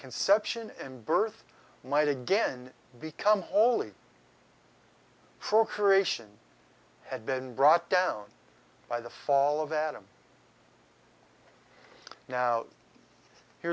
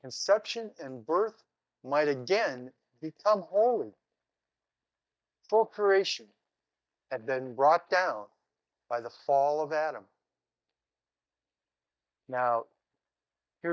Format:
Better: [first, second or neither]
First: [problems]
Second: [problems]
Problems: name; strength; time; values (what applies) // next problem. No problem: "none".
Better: first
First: none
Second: noise reduction (neural mask model DeepFilterNet 3)